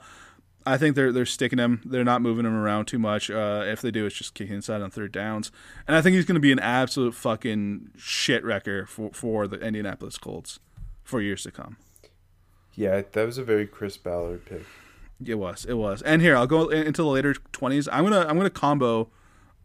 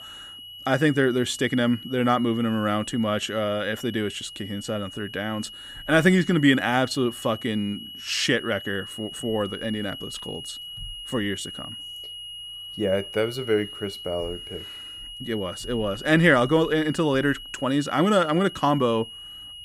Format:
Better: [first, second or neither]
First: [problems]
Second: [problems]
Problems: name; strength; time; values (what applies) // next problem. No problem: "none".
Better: first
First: none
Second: high-pitched whine; noticeable; throughout; 3 kHz, 15 dB below the speech